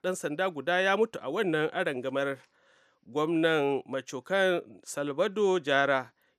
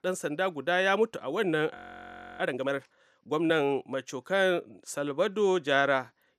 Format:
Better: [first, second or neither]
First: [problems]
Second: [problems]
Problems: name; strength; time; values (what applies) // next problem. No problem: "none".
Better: first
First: none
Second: audio freezing; at 2 s for 0.5 s